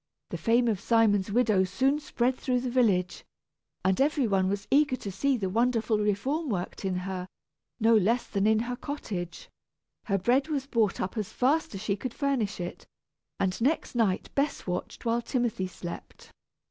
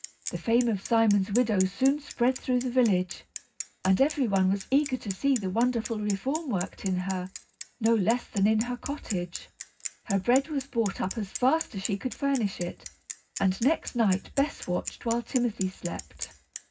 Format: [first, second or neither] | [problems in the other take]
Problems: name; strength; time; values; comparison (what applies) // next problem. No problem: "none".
first | background sound (Bicycle); 15 dB below the speech // room echo; dies away in 0.4 s